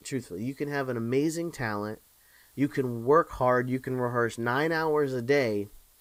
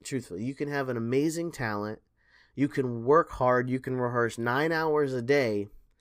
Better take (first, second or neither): second